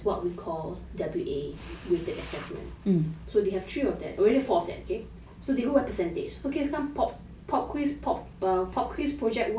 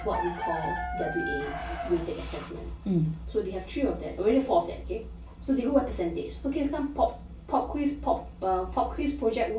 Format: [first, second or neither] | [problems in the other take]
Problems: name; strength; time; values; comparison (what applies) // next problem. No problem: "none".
first | background sound (Chicken, rooster); 12 dB below the speech // room echo; dies away in 0.2 s